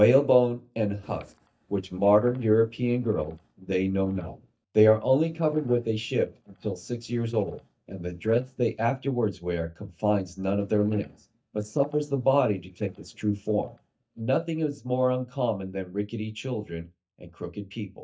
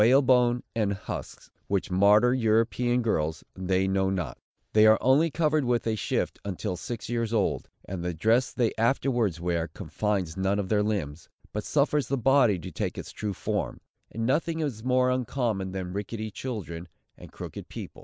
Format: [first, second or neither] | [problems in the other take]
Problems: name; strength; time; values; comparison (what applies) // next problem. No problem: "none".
second | noise reduction (neural mask model DeepFilterNet 3)